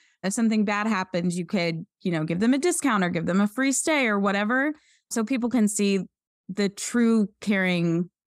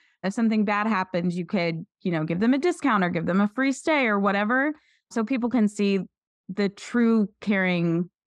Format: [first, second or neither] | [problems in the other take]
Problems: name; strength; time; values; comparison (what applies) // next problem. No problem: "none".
first | muffled; slightly; fading above 3.5 kHz